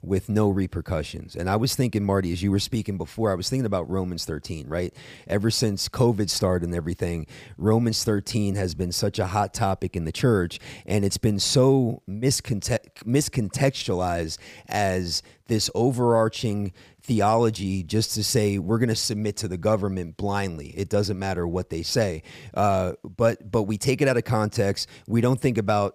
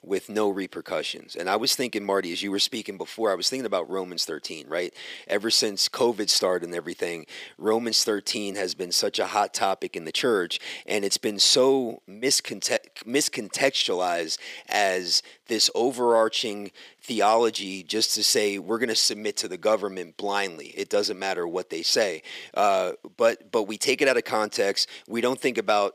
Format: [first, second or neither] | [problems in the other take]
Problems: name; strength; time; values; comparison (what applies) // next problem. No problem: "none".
first | thin; somewhat; fading below 300 Hz